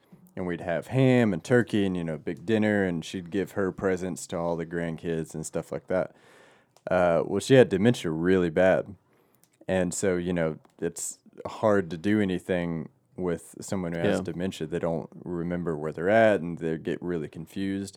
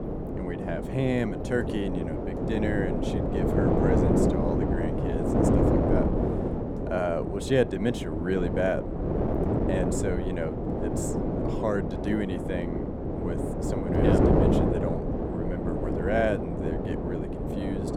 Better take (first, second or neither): first